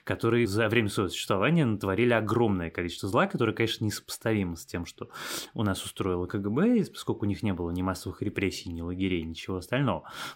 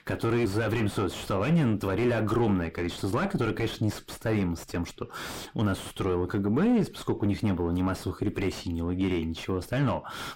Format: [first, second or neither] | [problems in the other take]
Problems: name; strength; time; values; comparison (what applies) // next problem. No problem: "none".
first | distortion; heavy; 5 dB below the speech